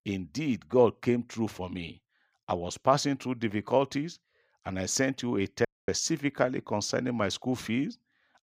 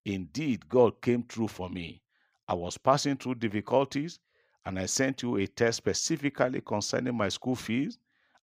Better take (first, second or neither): second